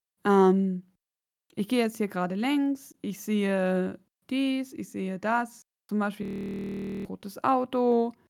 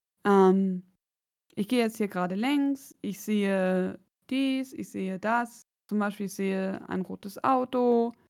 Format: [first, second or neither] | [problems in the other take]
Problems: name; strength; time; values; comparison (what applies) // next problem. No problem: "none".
second | audio freezing; at 6 s for 1 s